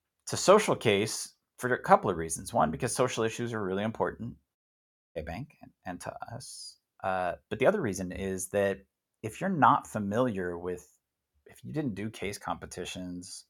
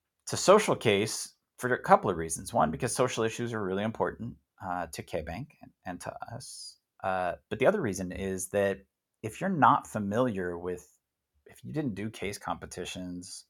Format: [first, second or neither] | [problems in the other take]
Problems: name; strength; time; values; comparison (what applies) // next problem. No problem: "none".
second | audio cutting out; at 4.5 s for 0.5 s